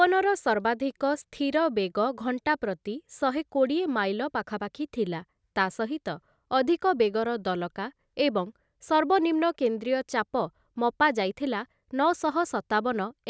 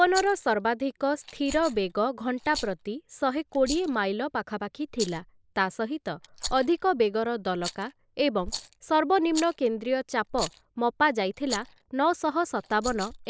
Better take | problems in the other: first | noise reduction (neural mask model Resemble Enhance denoiser)

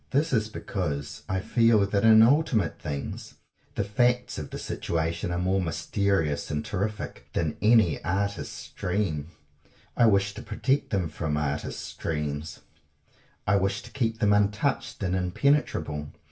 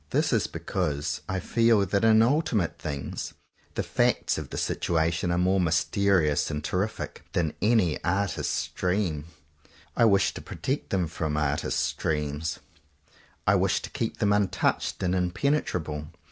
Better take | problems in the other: second | room echo; dies away in 0.2 s

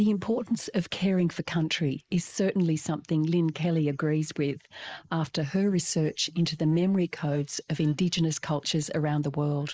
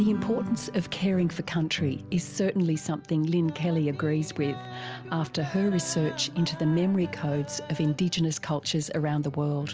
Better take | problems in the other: second | noise reduction (neural mask model Resemble Enhance denoiser)

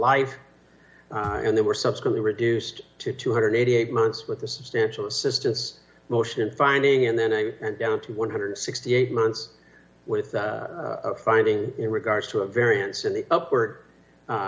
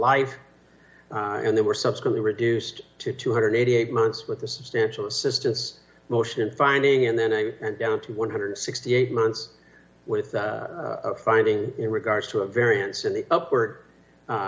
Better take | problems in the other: second | background sound (Thump, thud); 17 dB below the speech

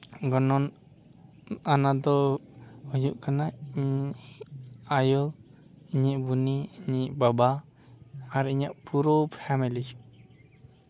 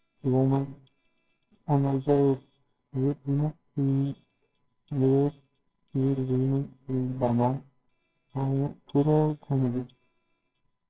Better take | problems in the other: first | noise reduction (neural separator model SepFormer WHAMR!)

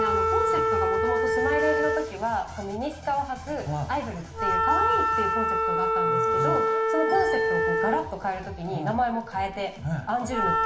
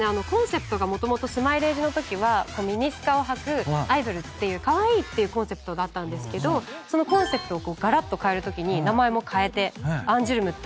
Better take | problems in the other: second | background sound (Wind instrument, woodwind instrument); 3 dB above the speech // room echo; dies away in 0.6 s

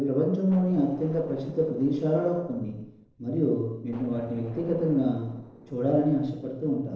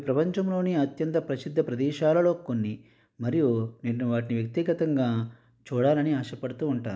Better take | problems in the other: second | noise reduction (neural separator model SepFormer DNS4)

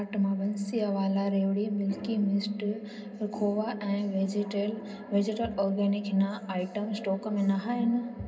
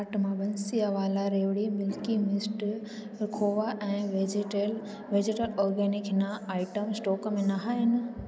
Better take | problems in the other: second | room echo; dies away in 0.2 s

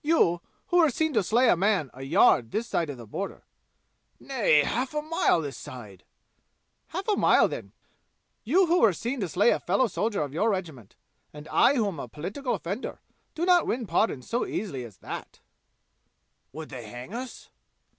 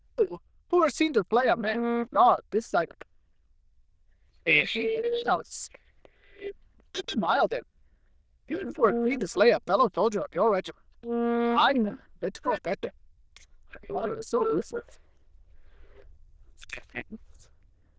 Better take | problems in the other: first | noise reduction (neural diffusion model UNIVERSE++)

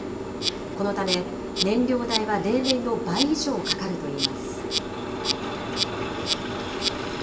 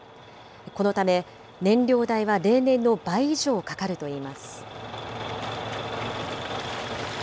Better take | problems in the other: second | background sound (Insect); 1 dB below the speech // room echo; dies away in 1.3 s

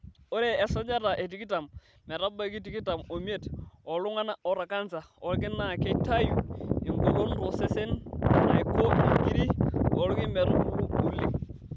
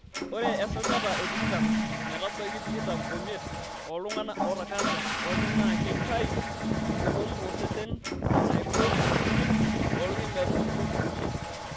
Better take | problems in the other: first | background sound (Toilet flush / Water); as loud as the speech

